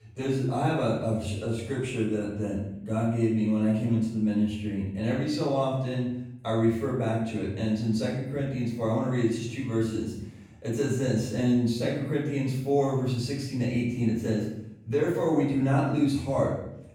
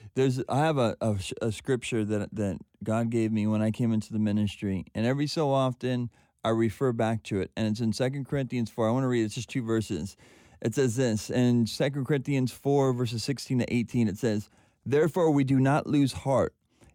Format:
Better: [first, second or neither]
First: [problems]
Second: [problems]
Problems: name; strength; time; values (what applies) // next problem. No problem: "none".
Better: second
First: room echo; noticeable; dies away in 0.7 s // off-mic speech; far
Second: none